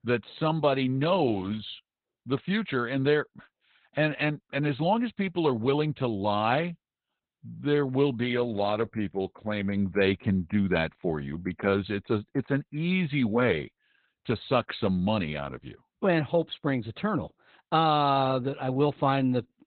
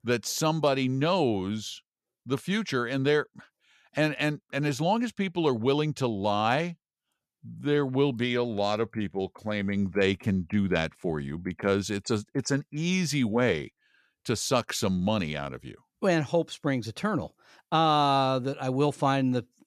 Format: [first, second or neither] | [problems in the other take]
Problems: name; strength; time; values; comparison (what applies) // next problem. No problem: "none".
second | garbled, watery; badly; nothing above 4 kHz